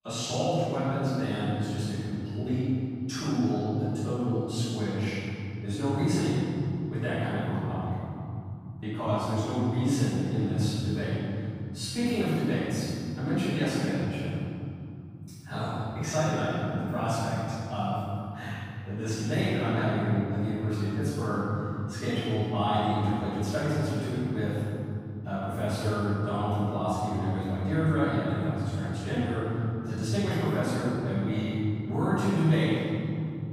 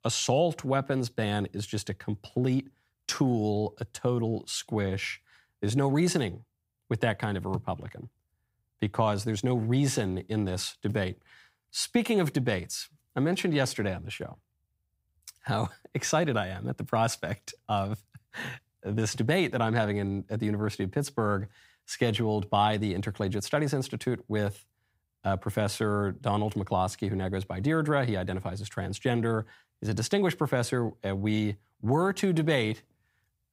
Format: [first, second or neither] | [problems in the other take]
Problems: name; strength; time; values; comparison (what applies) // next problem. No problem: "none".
second | room echo; strong; dies away in 3 s // off-mic speech; far